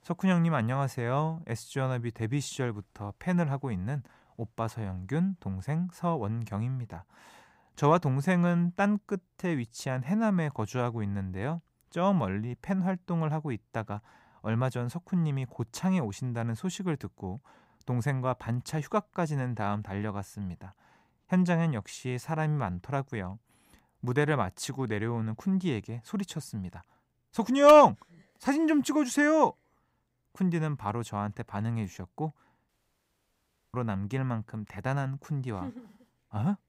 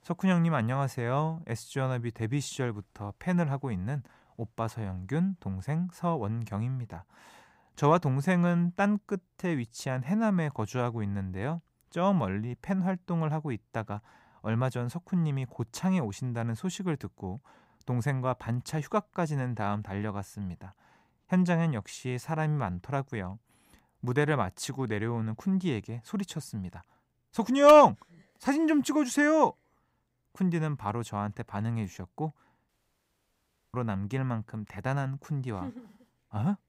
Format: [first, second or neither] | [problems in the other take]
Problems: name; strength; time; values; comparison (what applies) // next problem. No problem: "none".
neither | audio cutting out; at 33 s for 1 s; the same in both